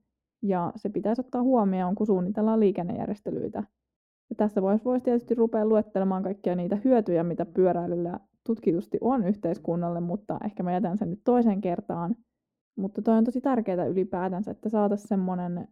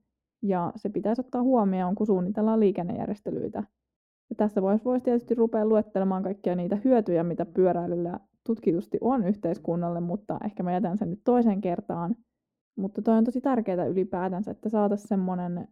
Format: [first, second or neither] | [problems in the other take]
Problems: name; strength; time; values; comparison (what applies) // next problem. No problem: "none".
neither | muffled; very; fading above 1 kHz; the same in both